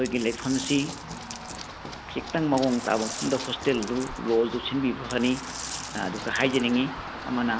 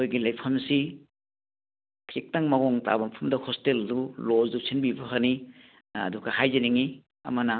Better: second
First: background sound (Run + Coin (dropping)); 9 dB below the speech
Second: none

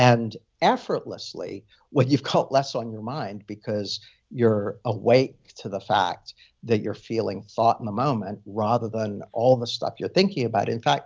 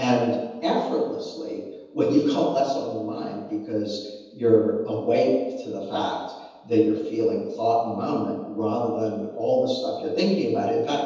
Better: first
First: none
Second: room echo; dies away in 1.1 s

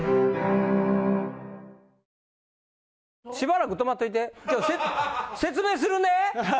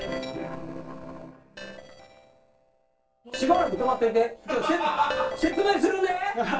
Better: first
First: none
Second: noise reduction (neural separator model SepFormer DNS4)

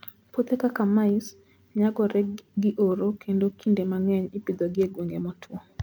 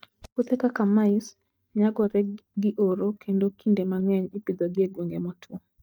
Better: first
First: none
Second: noise reduction (neural mask model DeepFilterNet 3)

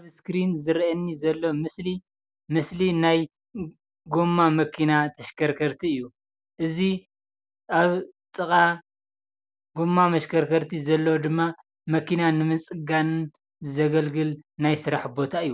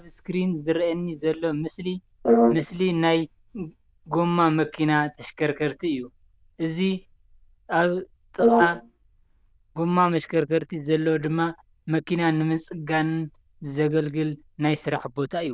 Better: first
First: none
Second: noise reduction (neural diffusion model UNIVERSE++)

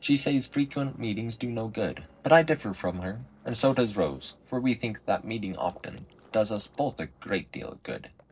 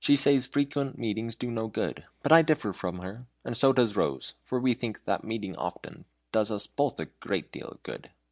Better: second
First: noise reduction (neural separator model SepFormer DNS4)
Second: none

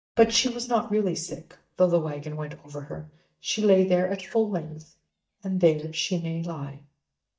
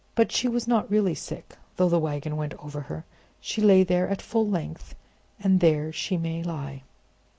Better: second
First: noise reduction (neural mask model DeepFilterNet 3)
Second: none

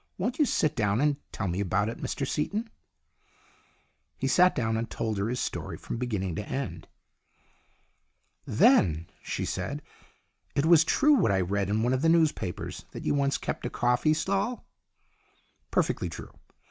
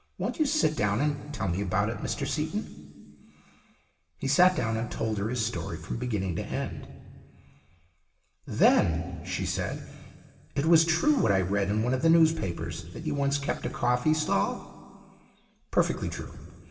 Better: first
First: none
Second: room echo; dies away in 1.7 s

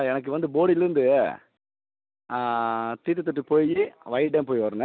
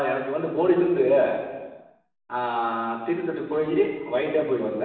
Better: first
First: none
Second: room echo; dies away in 1.2 s

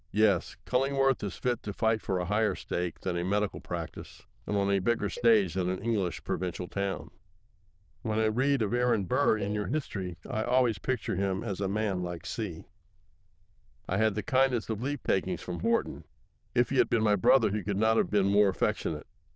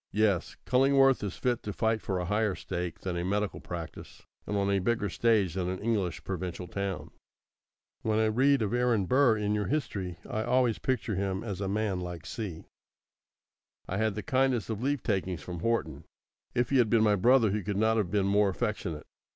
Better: second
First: noise reduction (neural diffusion model UNIVERSE++)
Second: none

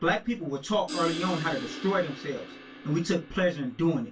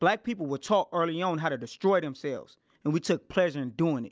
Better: second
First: background sound (Crash cymbal); 12 dB below the speech // room echo; dies away in 0.1 s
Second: none

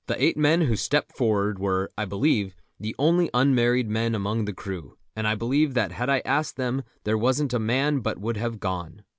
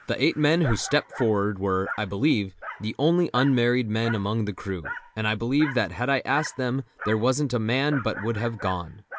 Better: first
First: none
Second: background sound (Dog); 14 dB below the speech

